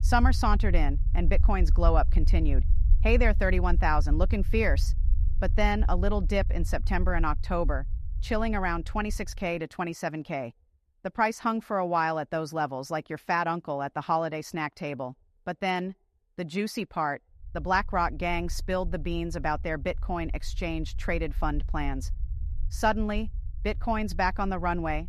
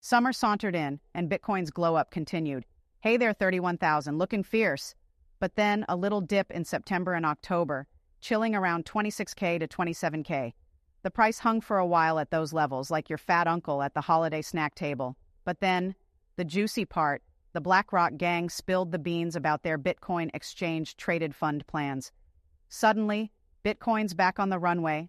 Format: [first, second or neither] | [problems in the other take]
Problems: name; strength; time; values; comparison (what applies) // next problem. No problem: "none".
second | low rumble; faint; until 9.5 s and from 17 s on; 20 dB below the speech